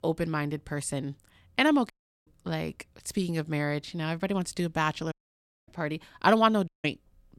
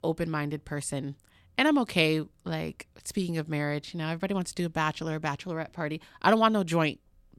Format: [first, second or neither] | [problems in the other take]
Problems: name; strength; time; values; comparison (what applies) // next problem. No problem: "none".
second | audio cutting out; at 2 s, at 5 s for 0.5 s and at 6.5 s